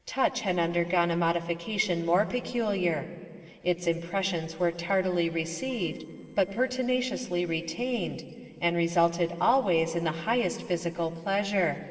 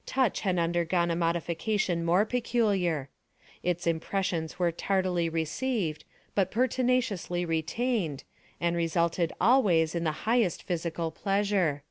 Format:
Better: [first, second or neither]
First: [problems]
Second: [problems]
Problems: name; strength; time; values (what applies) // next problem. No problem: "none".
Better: second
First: noise reduction (neural separator model SepFormer DNS4)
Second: none